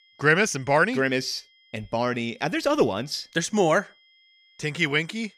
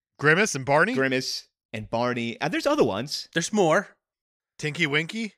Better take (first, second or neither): second